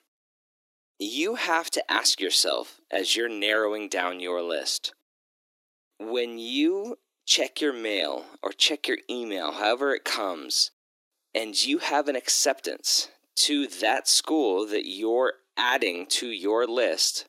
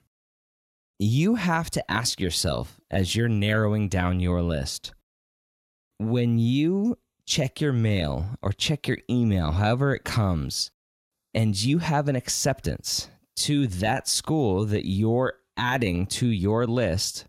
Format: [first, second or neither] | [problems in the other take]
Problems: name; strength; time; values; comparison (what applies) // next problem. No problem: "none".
second | thin; very; fading below 300 Hz